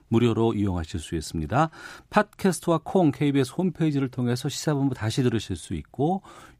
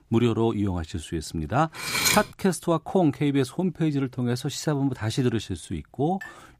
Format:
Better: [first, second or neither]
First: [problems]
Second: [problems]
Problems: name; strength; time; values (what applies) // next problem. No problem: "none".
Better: first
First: none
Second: clattering dishes; loud; at 2 s; peak 4 dB above the speech // clattering dishes; faint; at 6 s; peak 15 dB below the speech